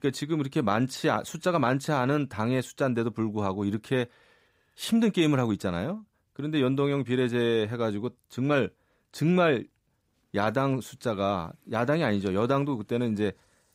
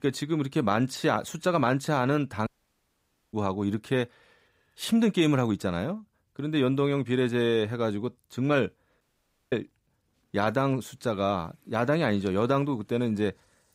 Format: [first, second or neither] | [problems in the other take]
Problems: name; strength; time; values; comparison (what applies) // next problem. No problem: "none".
first | audio cutting out; at 2.5 s for 1 s and at 9 s for 0.5 s